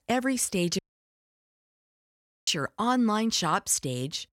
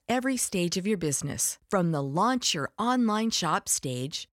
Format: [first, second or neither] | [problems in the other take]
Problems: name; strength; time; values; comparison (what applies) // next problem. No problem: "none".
second | audio cutting out; at 1 s for 1.5 s